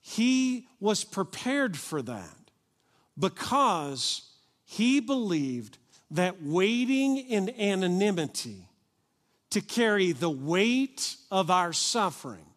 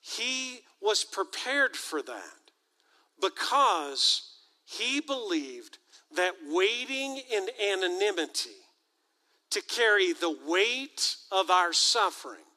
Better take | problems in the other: first | thin; very; fading below 300 Hz

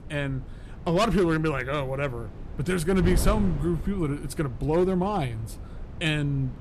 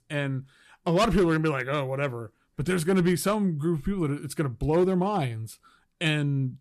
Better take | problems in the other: second | wind noise on the microphone; occasional gusts; 15 dB below the speech

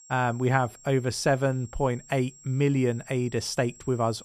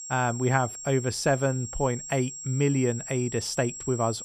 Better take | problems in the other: first | high-pitched whine; loud; throughout; 7.5 kHz, 9 dB below the speech; faint in the first

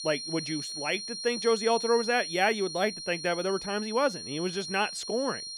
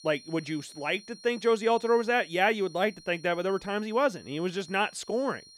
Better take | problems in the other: second | high-pitched whine; loud; throughout; 4 kHz, 6 dB below the speech; faint in the second

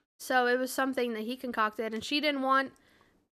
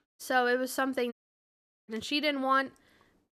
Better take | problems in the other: first | audio cutting out; at 1 s for 1 s

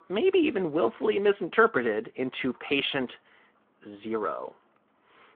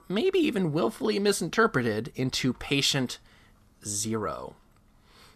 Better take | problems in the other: second | phone-call audio; nothing above 3.5 kHz

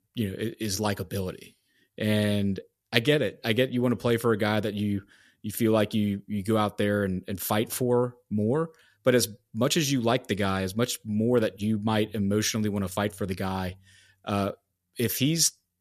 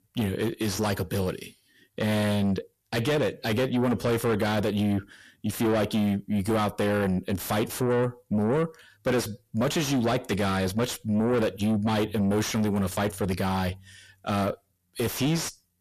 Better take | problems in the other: first | distortion; heavy; 6 dB below the speech

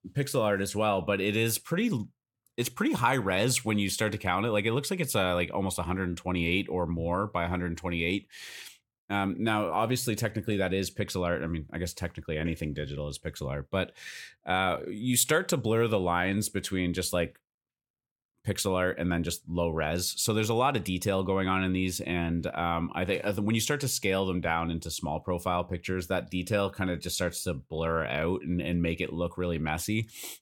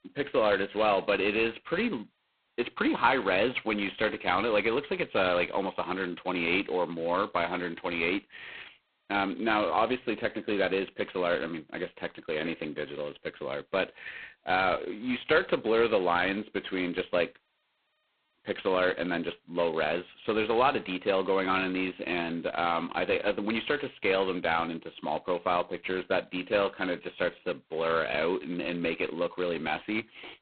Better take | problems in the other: first | phone-call audio; poor line; nothing above 4 kHz

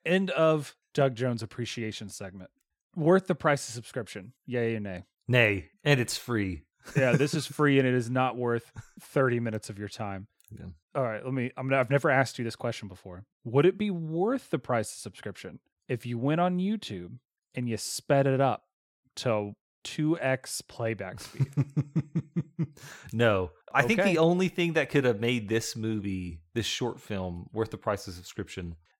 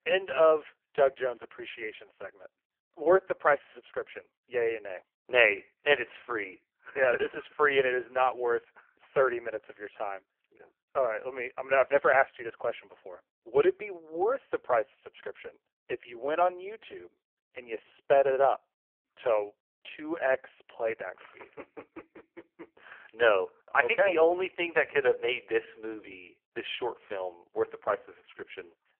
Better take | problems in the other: first | phone-call audio; poor line; nothing above 3 kHz

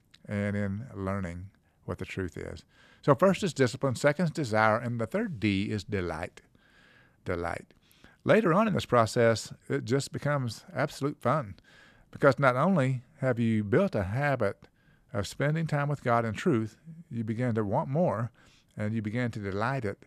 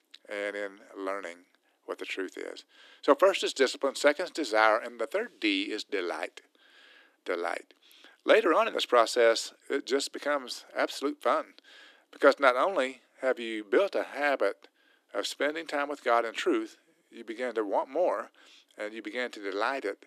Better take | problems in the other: first | thin; somewhat; fading below 300 Hz

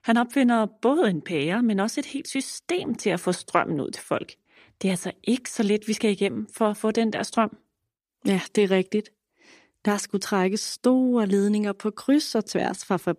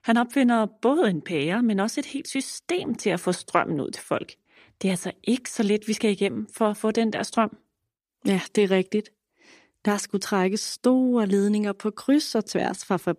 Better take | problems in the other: neither | none

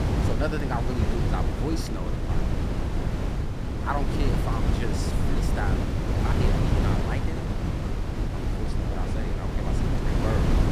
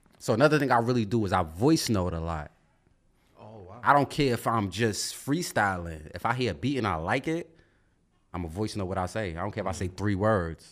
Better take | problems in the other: second | wind noise on the microphone; heavy; 1 dB above the speech

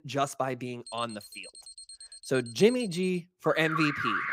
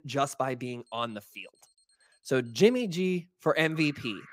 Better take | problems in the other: second | alarms or sirens; loud; throughout; 9 dB below the speech; faint in the second

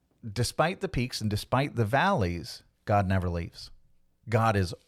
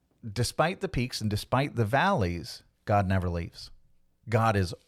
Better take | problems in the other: neither | none

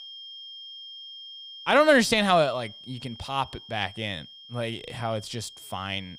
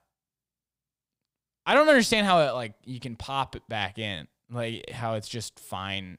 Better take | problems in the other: second | high-pitched whine; noticeable; throughout; 3 kHz, 15 dB below the speech

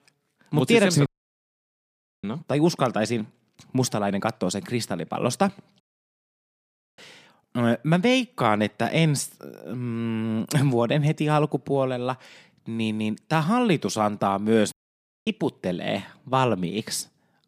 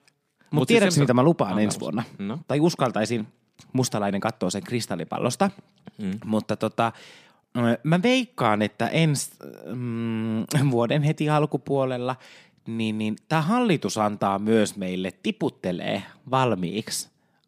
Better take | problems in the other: second | audio cutting out; at 1 s for 1 s, at 6 s for 1 s and at 15 s for 0.5 s

